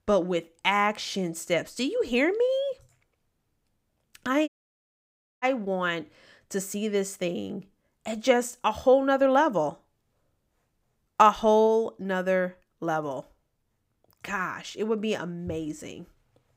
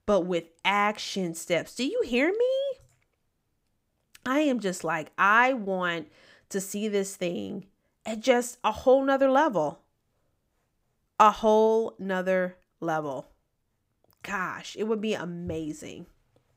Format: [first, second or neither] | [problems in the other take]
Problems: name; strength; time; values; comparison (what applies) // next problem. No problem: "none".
second | audio cutting out; at 4.5 s for 1 s